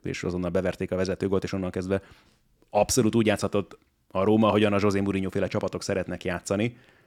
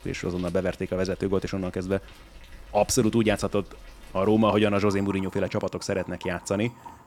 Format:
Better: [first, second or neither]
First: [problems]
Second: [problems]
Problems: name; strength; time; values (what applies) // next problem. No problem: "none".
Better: first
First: none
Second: household noises; faint; throughout; 20 dB below the speech